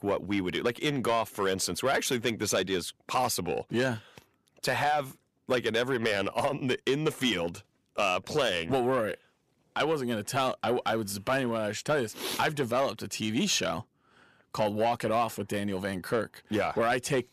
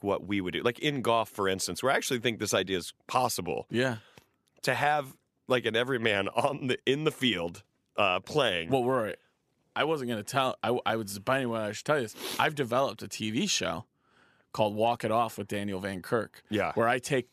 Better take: second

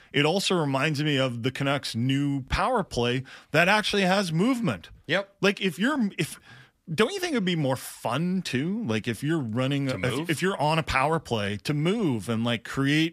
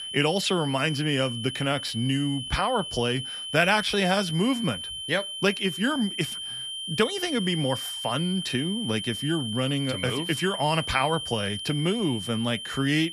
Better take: first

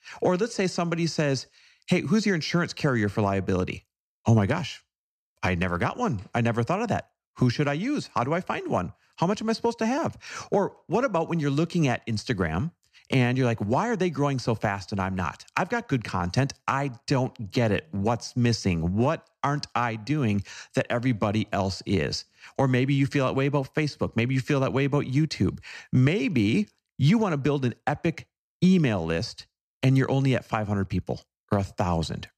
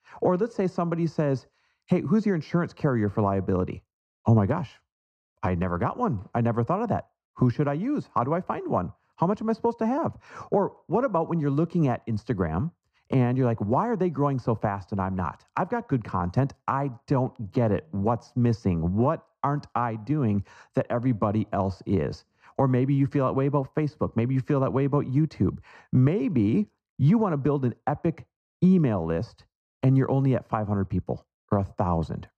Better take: first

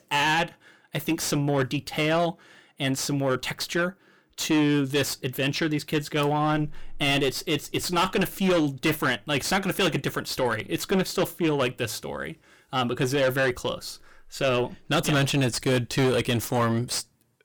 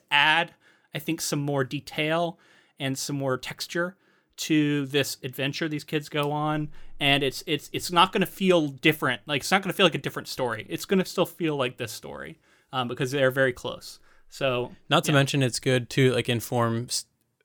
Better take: second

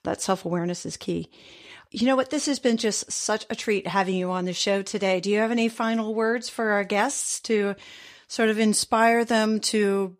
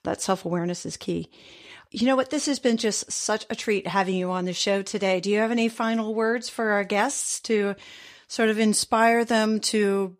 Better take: neither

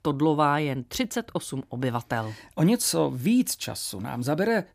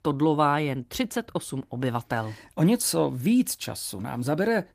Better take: first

